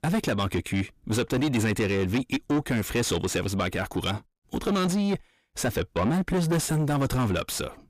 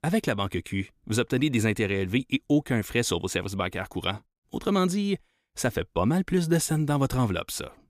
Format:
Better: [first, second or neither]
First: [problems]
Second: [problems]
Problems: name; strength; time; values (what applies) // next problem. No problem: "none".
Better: second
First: distortion; heavy; 6 dB below the speech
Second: none